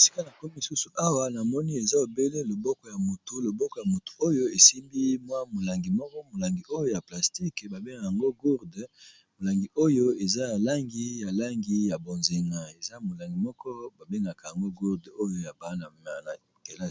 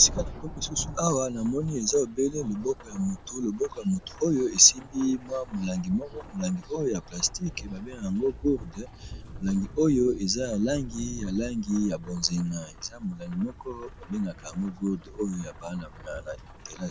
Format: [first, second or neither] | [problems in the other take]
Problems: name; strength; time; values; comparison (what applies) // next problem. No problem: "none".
first | background sound (Rain / Thunderstorm); 14 dB below the speech